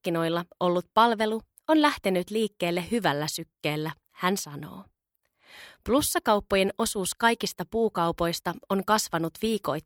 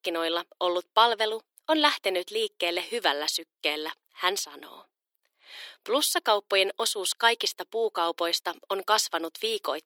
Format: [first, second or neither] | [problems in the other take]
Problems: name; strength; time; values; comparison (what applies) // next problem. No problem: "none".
first | thin; somewhat; fading below 350 Hz